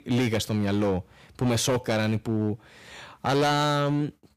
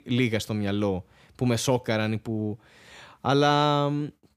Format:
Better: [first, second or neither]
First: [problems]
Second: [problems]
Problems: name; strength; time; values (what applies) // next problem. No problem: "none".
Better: second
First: distortion; heavy; 10% of the sound clipped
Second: none